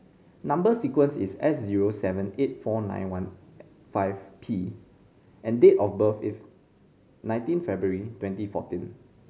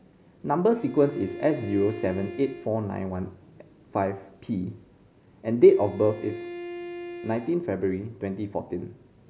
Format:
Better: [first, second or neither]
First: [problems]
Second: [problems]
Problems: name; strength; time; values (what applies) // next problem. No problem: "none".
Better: first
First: none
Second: background sound (Bowed string instrument); 12 dB below the speech